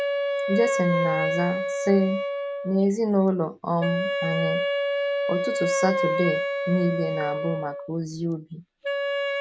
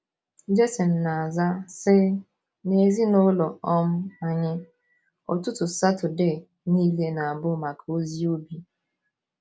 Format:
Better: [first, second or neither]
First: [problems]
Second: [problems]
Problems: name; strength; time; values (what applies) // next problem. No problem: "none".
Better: second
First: background sound (Wind instrument, woodwind instrument); as loud as the speech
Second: none